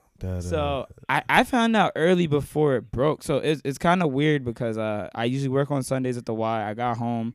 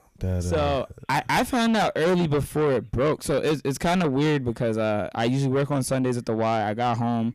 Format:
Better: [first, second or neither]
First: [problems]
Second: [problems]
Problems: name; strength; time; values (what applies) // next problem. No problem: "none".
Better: first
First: none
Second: distortion; heavy; 7 dB below the speech